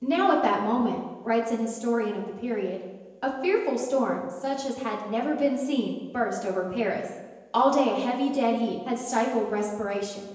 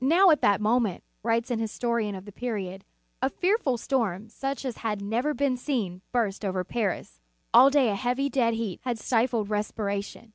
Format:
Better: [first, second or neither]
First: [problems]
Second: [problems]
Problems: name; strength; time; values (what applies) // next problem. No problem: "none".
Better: second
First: room echo; dies away in 1 s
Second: none